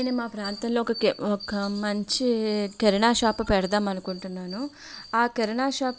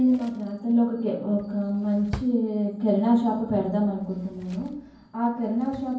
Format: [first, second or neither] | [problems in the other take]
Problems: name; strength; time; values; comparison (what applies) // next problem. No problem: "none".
first | background sound (Drawer open or close); 19 dB below the speech // room echo; dies away in 0.9 s